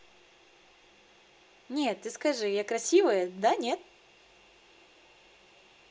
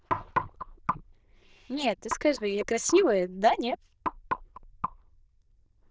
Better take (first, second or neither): first